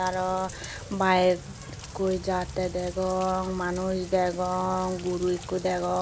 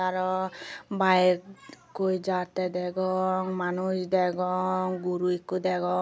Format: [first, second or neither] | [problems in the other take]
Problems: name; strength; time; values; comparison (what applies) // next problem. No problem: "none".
second | background sound (Rain); 13 dB below the speech